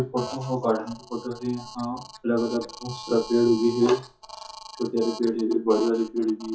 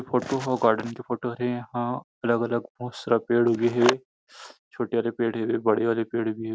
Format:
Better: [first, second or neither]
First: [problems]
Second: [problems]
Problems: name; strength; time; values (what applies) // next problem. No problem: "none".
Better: second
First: noise reduction (classical method WPE with log-MMSE)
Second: none